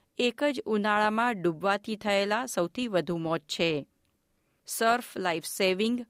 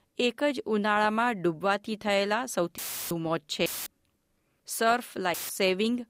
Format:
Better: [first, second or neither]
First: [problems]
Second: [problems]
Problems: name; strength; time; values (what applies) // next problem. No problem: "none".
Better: first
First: none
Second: audio cutting out; filled with static; at 3 s, at 3.5 s and at 5.5 s